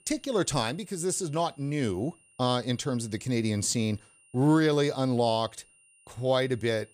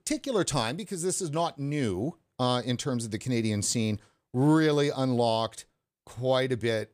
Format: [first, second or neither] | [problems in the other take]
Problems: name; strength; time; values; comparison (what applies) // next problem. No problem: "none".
second | high-pitched whine; faint; throughout; 9 kHz, 30 dB below the speech